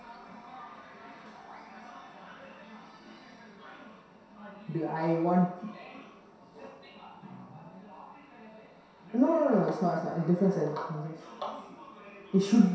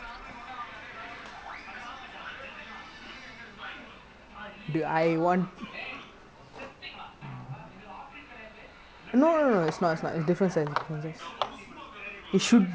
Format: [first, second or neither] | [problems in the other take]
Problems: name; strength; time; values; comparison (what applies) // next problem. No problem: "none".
second | room echo; dies away in 0.7 s